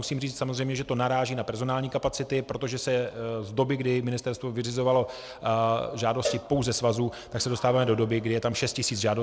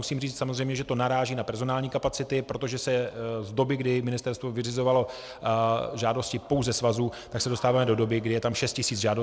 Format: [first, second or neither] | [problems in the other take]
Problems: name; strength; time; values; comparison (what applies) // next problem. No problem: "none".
second | background sound (Cowbell); 12 dB below the speech